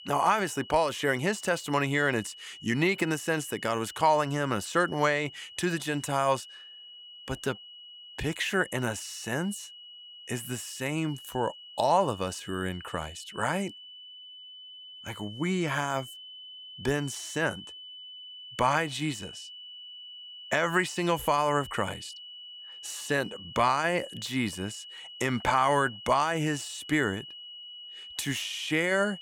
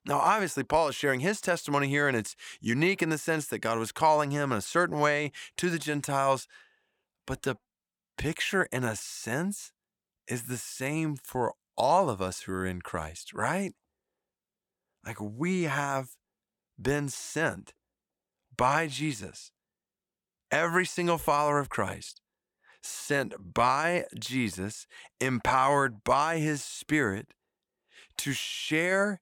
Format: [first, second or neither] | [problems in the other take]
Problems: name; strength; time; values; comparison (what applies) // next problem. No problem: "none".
second | high-pitched whine; noticeable; throughout; 3 kHz, 15 dB below the speech